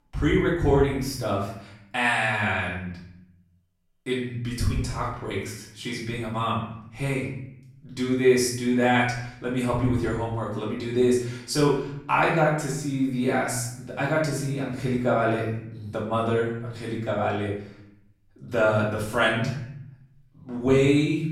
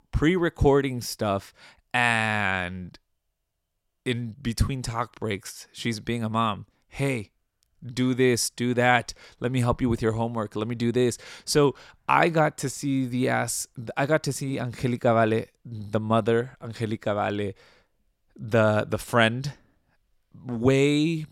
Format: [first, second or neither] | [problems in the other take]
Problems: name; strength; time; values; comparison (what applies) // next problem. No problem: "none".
second | off-mic speech; far // room echo; noticeable; dies away in 0.7 s